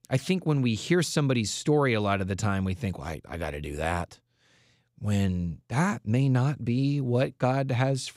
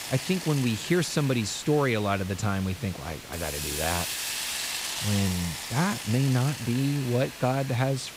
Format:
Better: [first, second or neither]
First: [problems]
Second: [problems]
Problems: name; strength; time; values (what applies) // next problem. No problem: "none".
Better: first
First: none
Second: hiss; loud; throughout; 6 dB below the speech